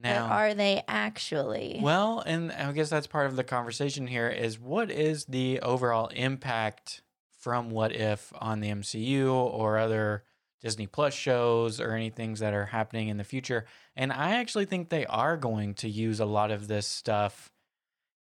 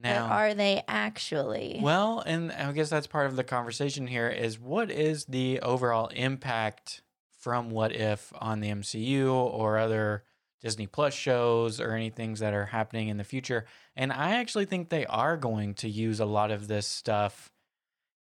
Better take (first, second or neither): neither